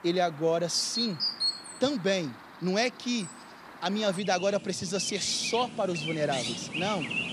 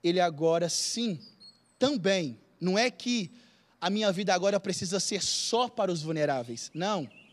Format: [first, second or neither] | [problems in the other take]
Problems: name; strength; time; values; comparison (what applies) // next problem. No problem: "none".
second | animal sounds; loud; throughout; 4 dB below the speech; faint in the second